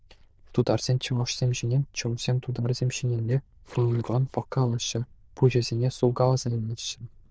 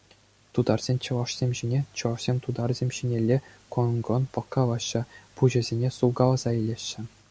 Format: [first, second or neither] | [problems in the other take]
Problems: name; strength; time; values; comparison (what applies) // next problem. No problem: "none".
second | noise reduction (neural diffusion model UNIVERSE++)